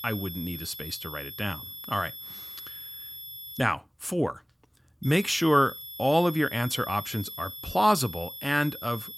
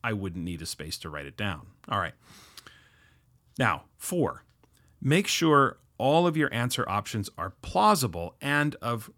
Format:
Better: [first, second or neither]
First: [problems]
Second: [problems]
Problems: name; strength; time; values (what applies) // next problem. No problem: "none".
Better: second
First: high-pitched whine; noticeable; until 3.5 s and from 5 s on; 11.5 kHz, 10 dB below the speech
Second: none